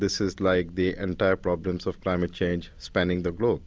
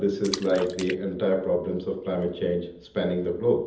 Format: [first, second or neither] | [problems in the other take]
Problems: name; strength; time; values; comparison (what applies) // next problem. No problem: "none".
first | background sound (Splash, splatter); 14 dB below the speech // room echo; dies away in 0.7 s